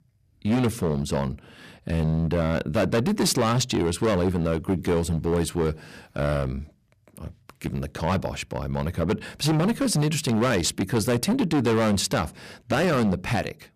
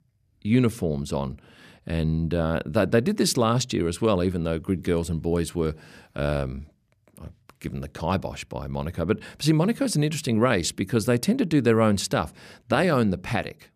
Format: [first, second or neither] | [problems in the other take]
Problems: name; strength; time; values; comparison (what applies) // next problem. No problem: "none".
second | distortion; heavy; 13% of the sound clipped